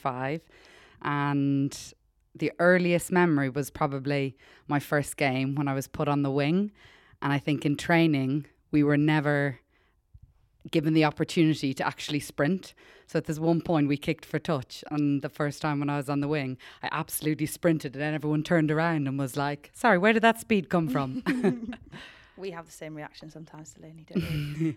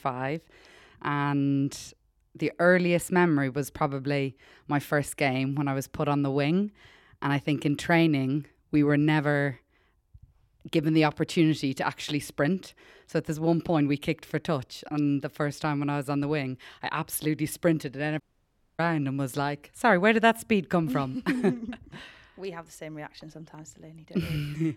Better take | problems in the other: first | audio cutting out; at 18 s for 0.5 s

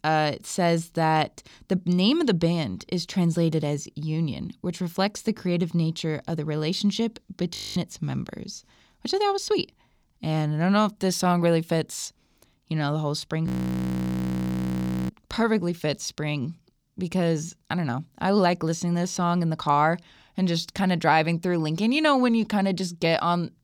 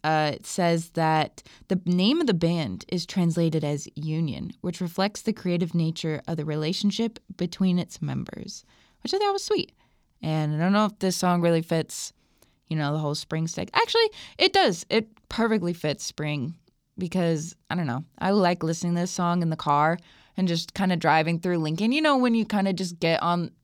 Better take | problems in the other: second | audio freezing; at 7.5 s and at 13 s for 1.5 s

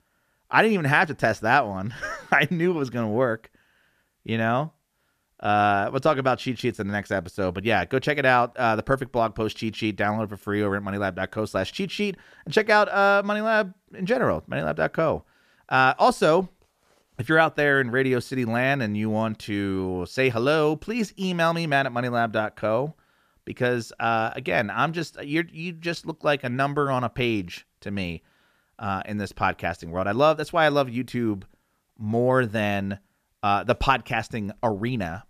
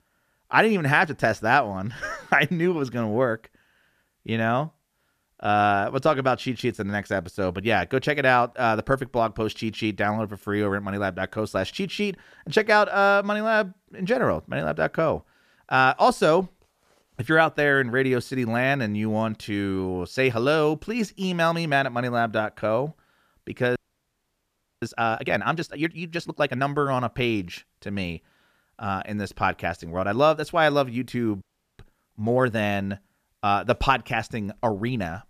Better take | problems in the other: first | audio freezing; at 24 s for 1 s and at 31 s

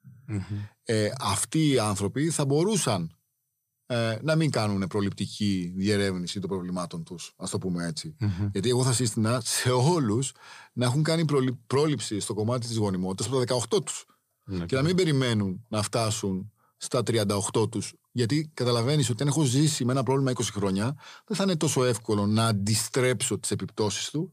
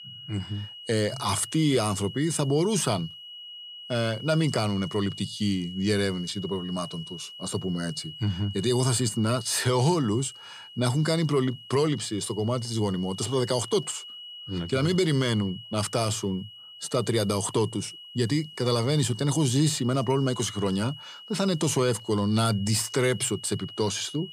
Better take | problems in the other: first | high-pitched whine; noticeable; throughout; 3 kHz, 15 dB below the speech

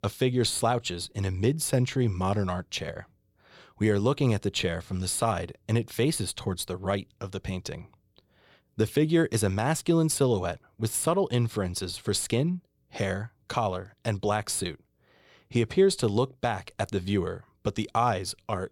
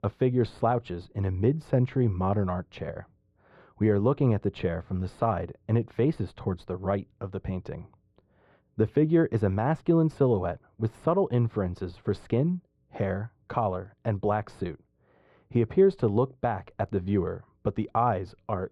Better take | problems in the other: first | muffled; very; fading above 3.5 kHz

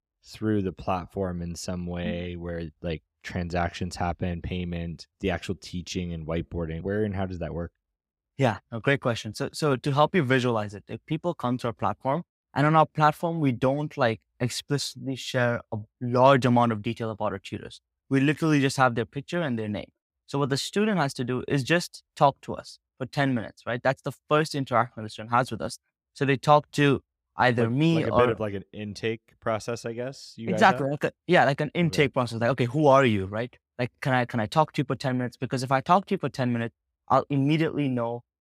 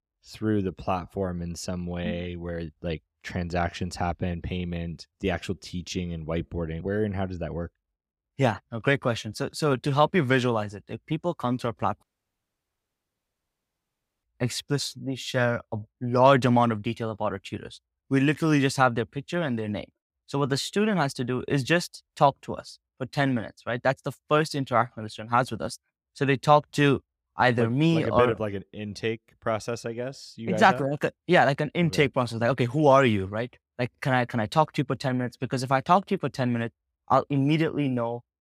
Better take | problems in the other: first | audio cutting out; at 12 s for 2 s

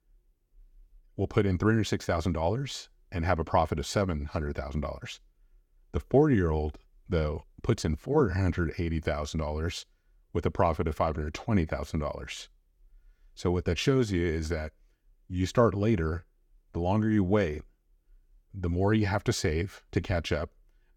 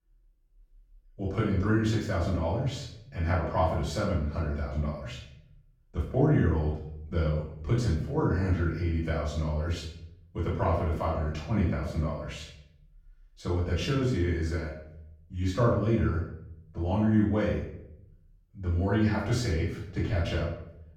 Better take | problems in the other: first | off-mic speech; far // room echo; noticeable; dies away in 0.6 s

